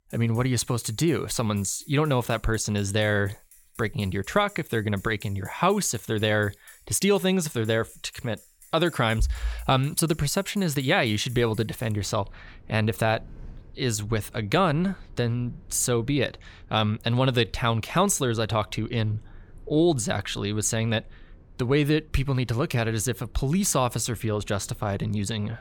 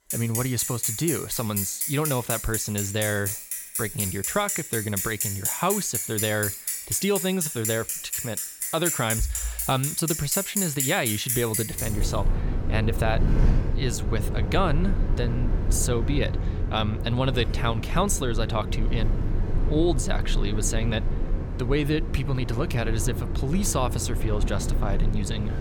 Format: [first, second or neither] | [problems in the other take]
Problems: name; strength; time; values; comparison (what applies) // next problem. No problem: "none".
first | traffic noise; loud; throughout; 1 dB below the speech; faint in the first